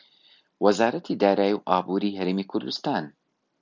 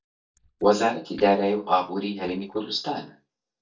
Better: first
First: none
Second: noise reduction (neural mask model DeepFilterNet 3)

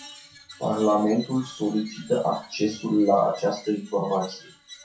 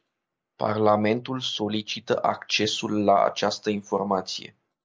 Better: second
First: noise reduction (classical method WPE with log-MMSE)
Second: none

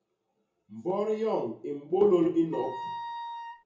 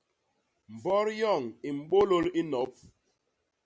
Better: second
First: background sound (Wind instrument, woodwind instrument); 9 dB below the speech // room echo; dies away in 0.6 s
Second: none

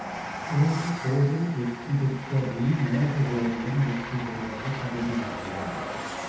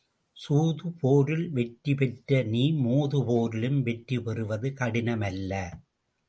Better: second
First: background sound (Train); 8 dB below the speech // room echo; dies away in 0.9 s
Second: none

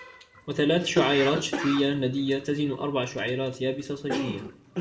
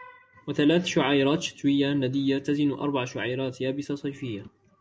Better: second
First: background sound (Cough); 8 dB below the speech // room echo; dies away in 0.7 s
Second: none

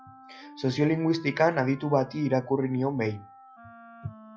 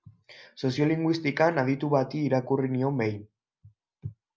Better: second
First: noise reduction (classical method log-MMSE)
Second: none

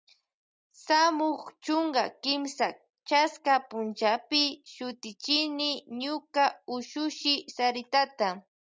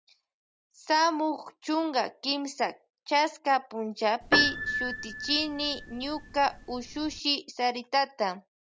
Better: first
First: none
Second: background sound (Piano); 3 dB below the speech

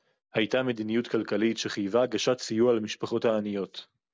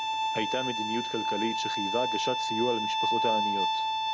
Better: first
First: none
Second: background sound (Bowed string instrument); 4 dB above the speech

